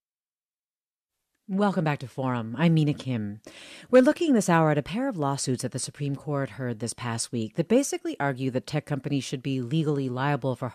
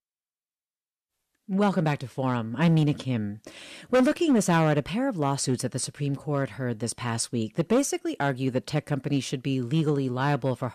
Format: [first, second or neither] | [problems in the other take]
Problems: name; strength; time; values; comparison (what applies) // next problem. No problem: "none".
first | distortion; slight; 3% of the sound clipped